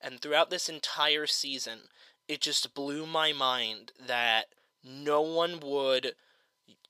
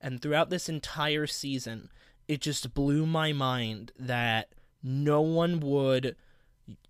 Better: second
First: thin; somewhat; fading below 500 Hz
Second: none

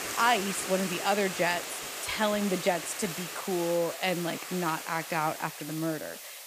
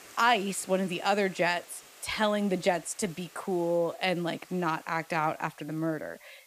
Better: second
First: hiss; loud; throughout; 6 dB below the speech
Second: hiss; faint; throughout; 20 dB below the speech

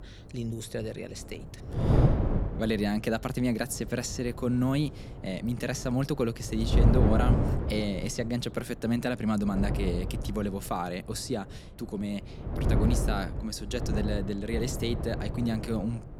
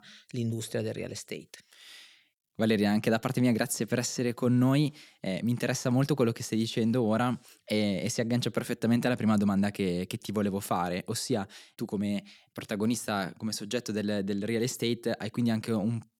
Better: second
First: wind noise on the microphone; heavy; 4 dB below the speech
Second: none

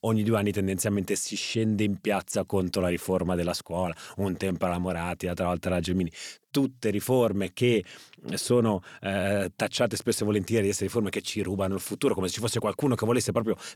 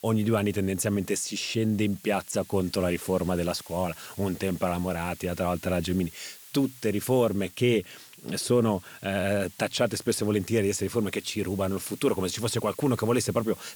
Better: first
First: none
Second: hiss; noticeable; throughout; 20 dB below the speech

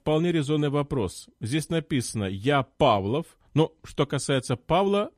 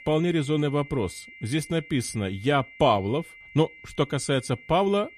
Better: first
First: none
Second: high-pitched whine; noticeable; throughout; 2 kHz, 20 dB below the speech

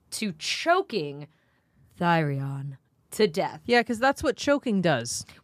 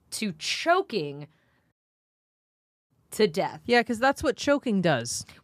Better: first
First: none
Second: audio cutting out; at 1.5 s for 1 s

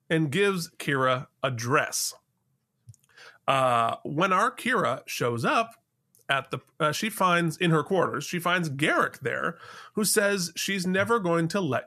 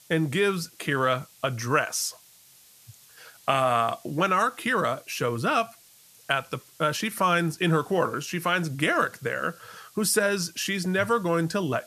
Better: first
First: none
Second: hiss; faint; throughout; 25 dB below the speech

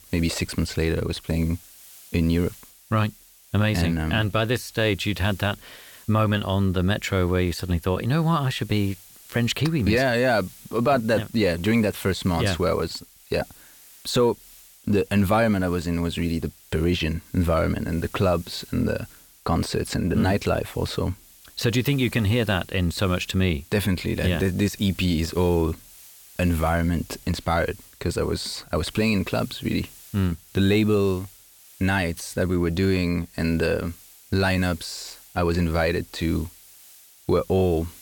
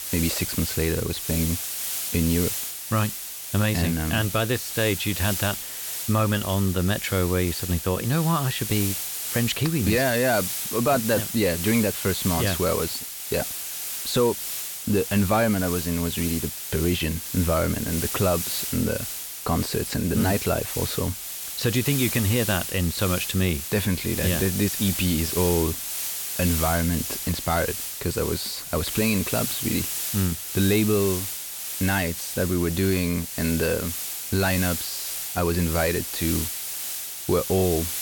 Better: first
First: hiss; faint; throughout; 20 dB below the speech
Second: hiss; loud; throughout; 4 dB below the speech

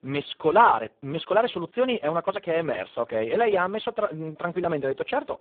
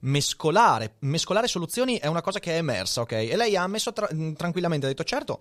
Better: second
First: phone-call audio; poor line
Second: none

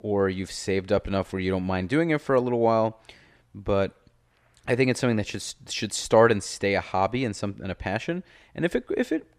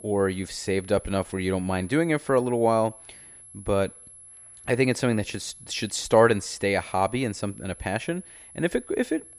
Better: first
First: none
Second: high-pitched whine; noticeable; throughout; 11 kHz, 20 dB below the speech

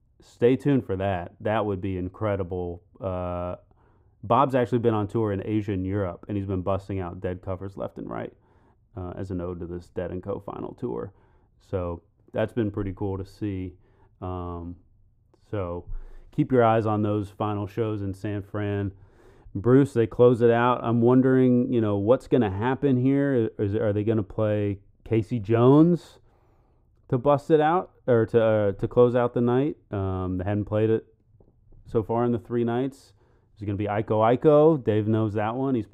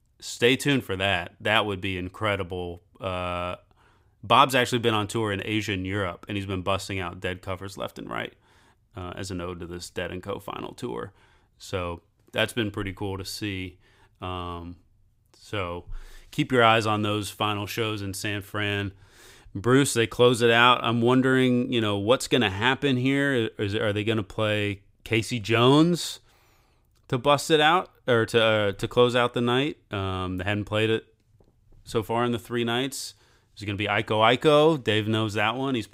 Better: second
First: muffled; very; fading above 1.5 kHz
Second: none

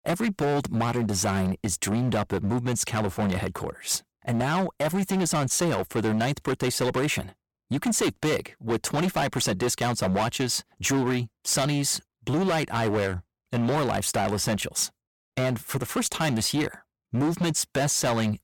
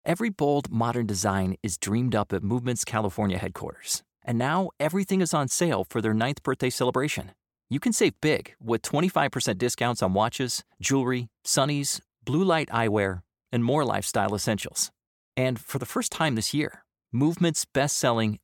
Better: second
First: distortion; heavy; 18% of the sound clipped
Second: none

